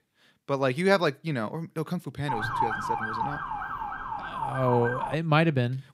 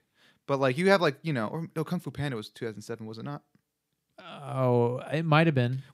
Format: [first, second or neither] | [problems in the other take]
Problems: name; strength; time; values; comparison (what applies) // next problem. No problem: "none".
second | siren; noticeable; from 2.5 to 5 s; peak level with the speech